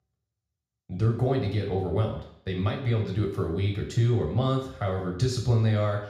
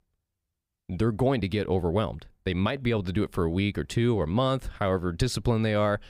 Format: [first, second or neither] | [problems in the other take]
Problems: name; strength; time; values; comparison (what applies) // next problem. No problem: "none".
second | room echo; noticeable; dies away in 0.6 s // off-mic speech; far